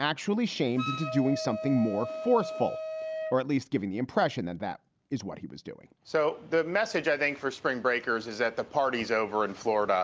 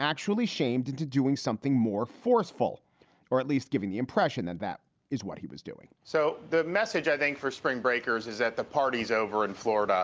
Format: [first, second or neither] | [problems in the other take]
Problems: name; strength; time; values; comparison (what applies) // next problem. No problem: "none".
second | background sound (Wind instrument, woodwind instrument); 8 dB below the speech